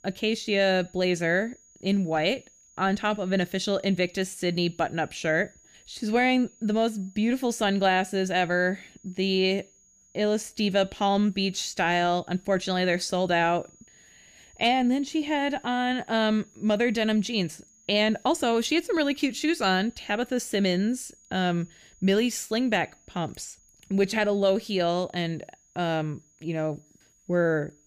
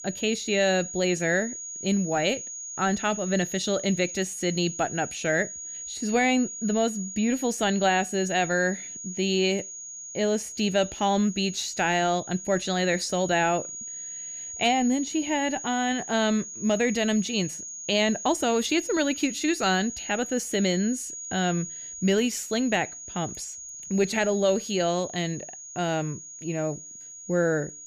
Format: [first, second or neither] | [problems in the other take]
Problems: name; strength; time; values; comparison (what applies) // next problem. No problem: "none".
first | high-pitched whine; loud; throughout; 6.5 kHz, 9 dB below the speech; faint in the first